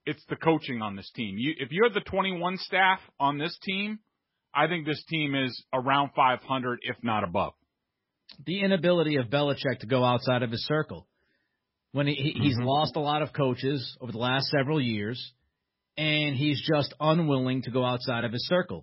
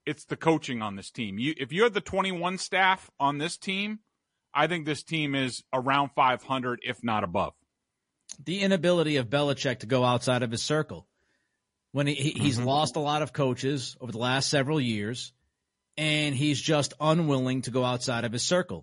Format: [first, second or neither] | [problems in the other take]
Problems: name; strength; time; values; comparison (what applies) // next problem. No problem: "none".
second | garbled, watery; badly; nothing above 5.5 kHz; slightly in the second